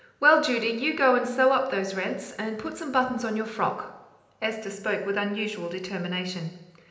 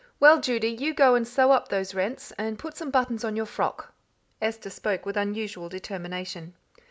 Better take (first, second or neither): second